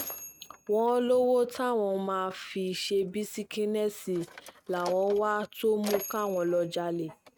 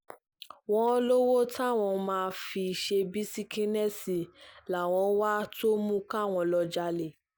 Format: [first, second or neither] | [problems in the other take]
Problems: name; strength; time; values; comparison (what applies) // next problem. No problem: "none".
second | noise reduction (neural mask model RNNoise)